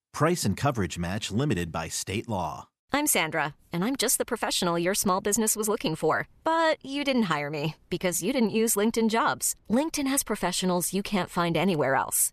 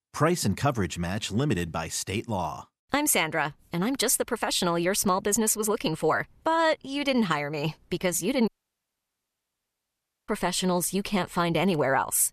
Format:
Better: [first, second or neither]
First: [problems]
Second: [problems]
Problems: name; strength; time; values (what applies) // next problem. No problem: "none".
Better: first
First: none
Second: audio cutting out; at 8.5 s for 2 s